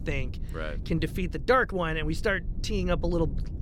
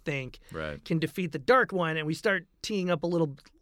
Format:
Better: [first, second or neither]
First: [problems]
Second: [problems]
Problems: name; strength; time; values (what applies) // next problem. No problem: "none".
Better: second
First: low rumble; faint; throughout; 20 dB below the speech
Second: none